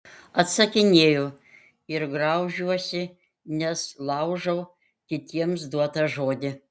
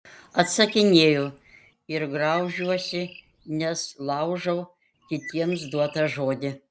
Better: first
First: none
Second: background sound (Bird); 19 dB below the speech

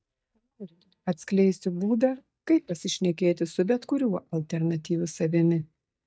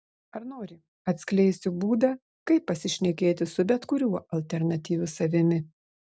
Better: second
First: noise reduction (neural mask model DeepFilterNet 3)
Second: none

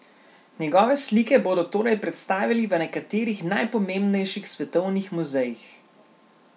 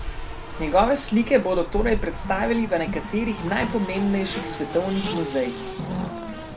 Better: first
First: none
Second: background sound (Race car, auto racing); 6 dB below the speech

